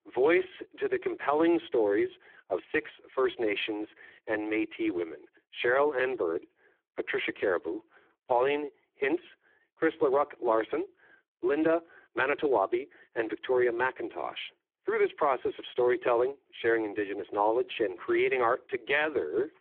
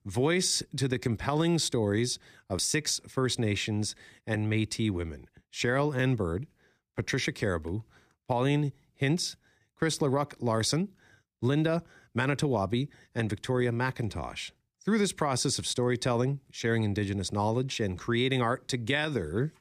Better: second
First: phone-call audio; poor line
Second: none

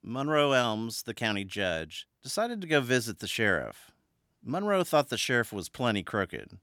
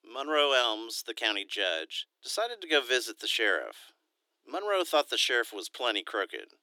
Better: first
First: none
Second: thin; very; fading below 300 Hz

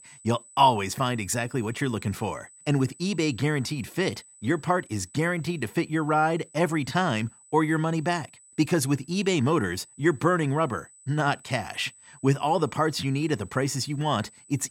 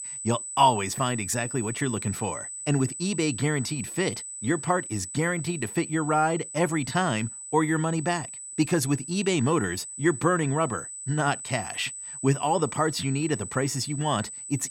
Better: first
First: high-pitched whine; faint; throughout; 8 kHz, 25 dB below the speech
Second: high-pitched whine; loud; throughout; 8 kHz, 8 dB below the speech

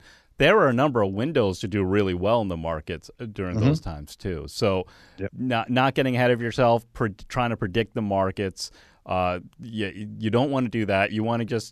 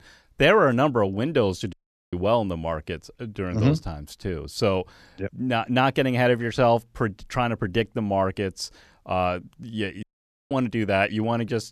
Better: first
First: none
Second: audio cutting out; at 1.5 s and at 10 s

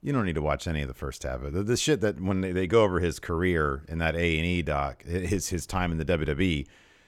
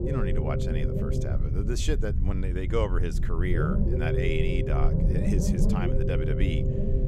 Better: first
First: none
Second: low rumble; loud; throughout; 1 dB below the speech

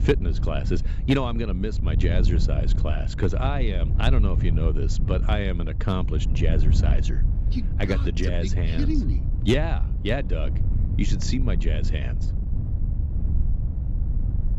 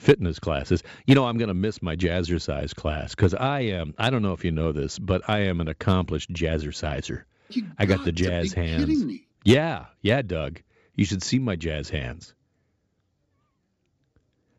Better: second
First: wind noise on the microphone; heavy; 10 dB below the speech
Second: none

